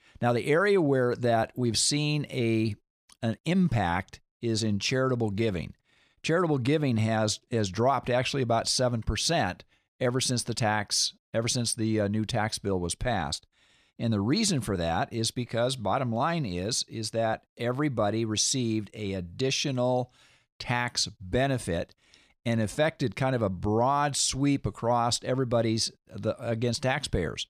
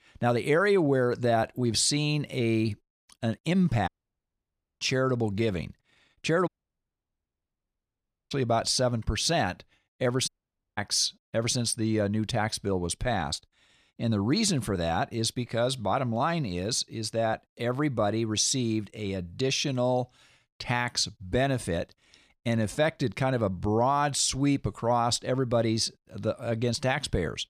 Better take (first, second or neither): first